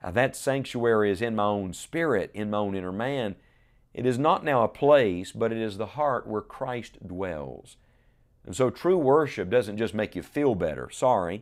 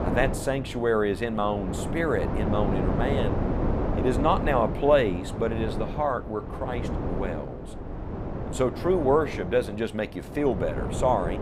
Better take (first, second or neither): first